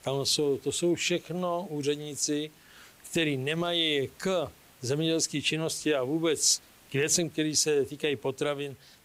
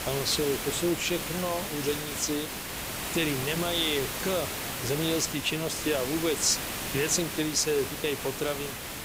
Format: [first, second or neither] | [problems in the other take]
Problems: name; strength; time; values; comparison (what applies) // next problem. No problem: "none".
first | hiss; loud; throughout; 4 dB below the speech; faint in the first